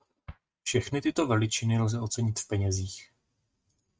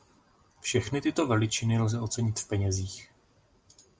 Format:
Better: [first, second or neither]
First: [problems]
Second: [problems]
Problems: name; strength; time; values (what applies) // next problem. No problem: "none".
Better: second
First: noise reduction (neural mask model RNNoise)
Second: none